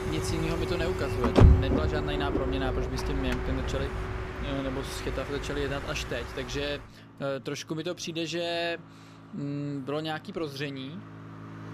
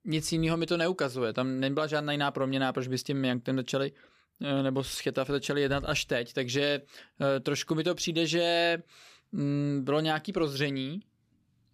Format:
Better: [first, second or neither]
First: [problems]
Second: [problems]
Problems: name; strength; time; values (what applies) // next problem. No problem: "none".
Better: second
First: traffic noise; very loud; throughout; 4 dB above the speech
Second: none